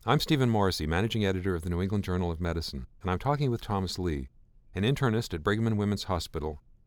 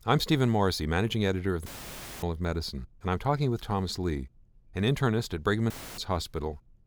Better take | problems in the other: first | audio cutting out; filled with static; at 1.5 s for 0.5 s and at 5.5 s

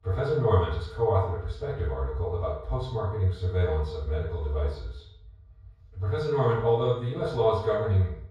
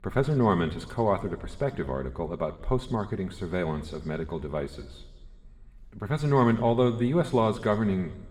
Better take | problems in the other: second | room echo; strong; dies away in 0.7 s; slight in the second // off-mic speech; far

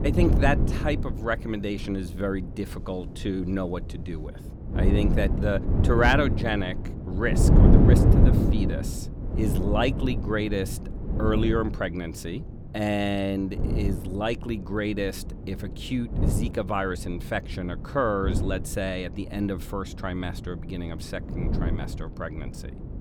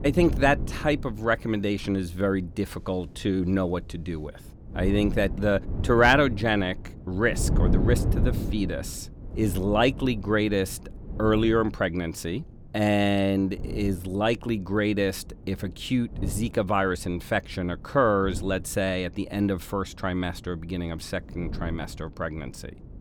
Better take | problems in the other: second | wind noise on the microphone; heavy; 4 dB below the speech; occasional gusts in the second

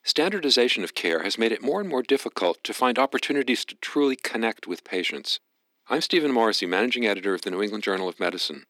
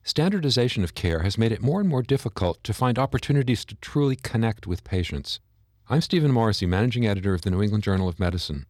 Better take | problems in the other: second | thin; somewhat; fading below 250 Hz

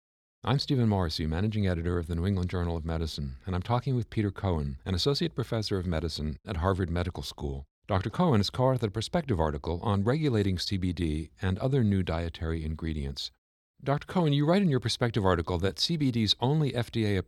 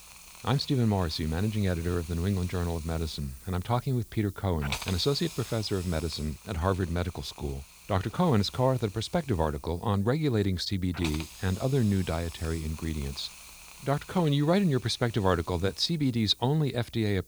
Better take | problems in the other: first | hiss; noticeable; throughout; 15 dB below the speech

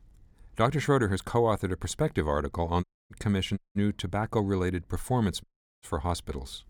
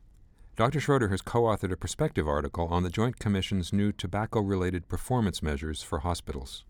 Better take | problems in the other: second | audio cutting out; at 3 s, at 3.5 s and at 5.5 s

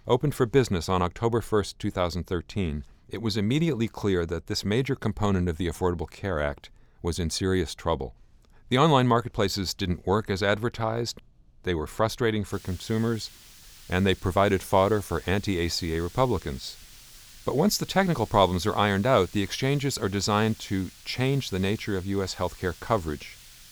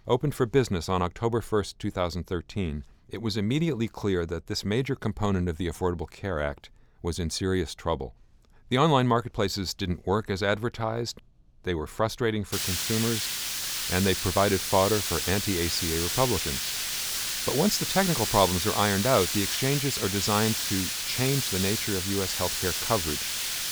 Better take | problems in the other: first | hiss; loud; from 13 s on; as loud as the speech; faint in the first

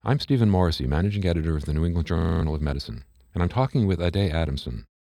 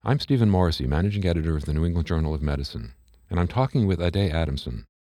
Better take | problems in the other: second | audio freezing; at 2 s

